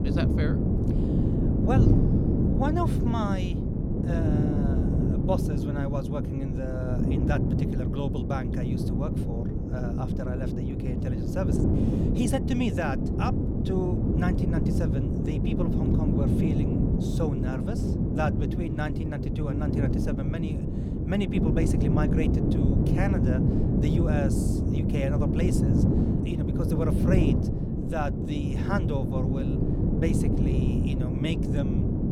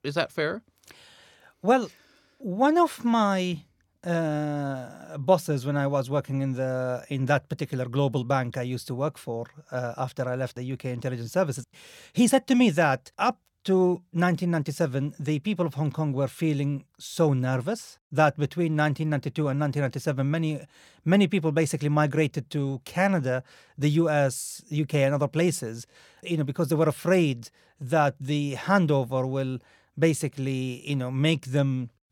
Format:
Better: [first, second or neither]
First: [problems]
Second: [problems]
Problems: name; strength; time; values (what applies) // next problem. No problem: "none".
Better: second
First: wind noise on the microphone; heavy; 1 dB above the speech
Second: none